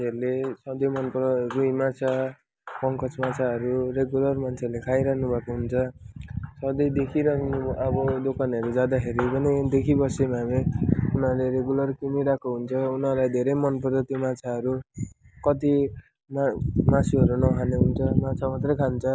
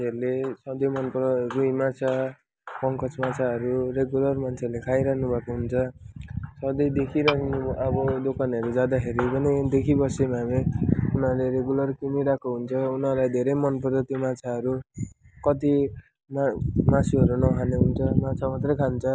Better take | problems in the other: first | background sound (Tap / Glass); 5 dB below the speech

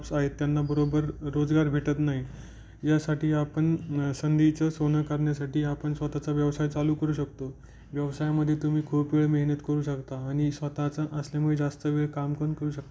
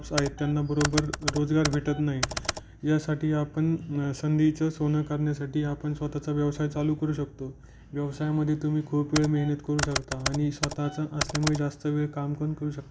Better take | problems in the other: first | background sound (Computer keyboard); 7 dB below the speech

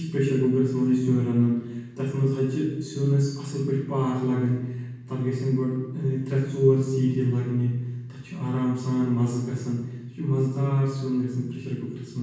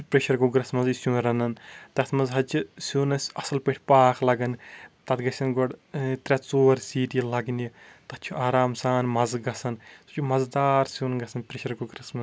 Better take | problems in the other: second | room echo; dies away in 1.2 s

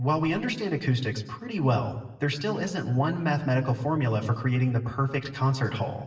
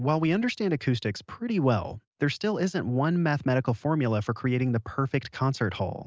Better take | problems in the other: second | room echo; dies away in 1 s

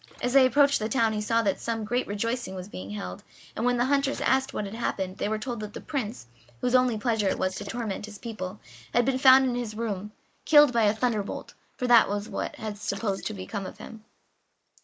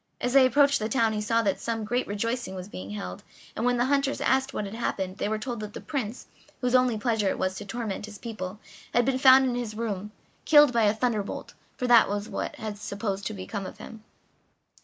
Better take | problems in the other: second | noise reduction (neural mask model Resemble Enhance denoiser)

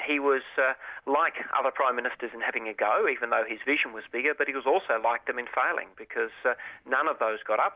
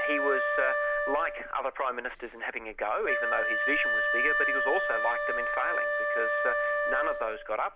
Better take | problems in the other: first | background sound (Wind instrument, woodwind instrument); 3 dB above the speech

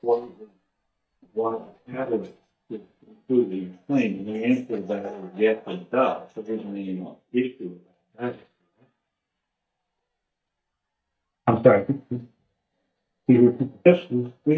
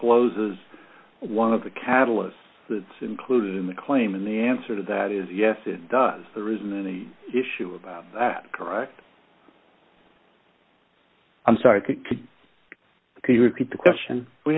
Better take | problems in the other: second | noise reduction (neural mask model DeepFilterNet 3)

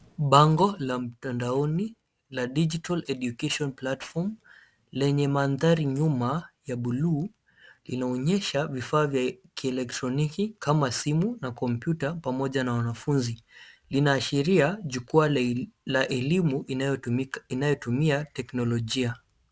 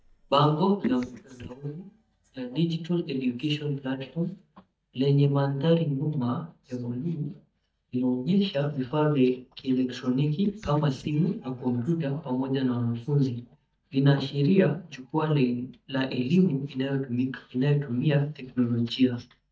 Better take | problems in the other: first | noise reduction (neural mask model DeepFilterNet 3)

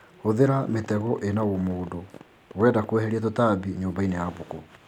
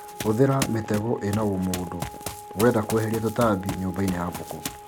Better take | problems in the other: first | background sound (Wind instrument, woodwind instrument + Run); 10 dB below the speech

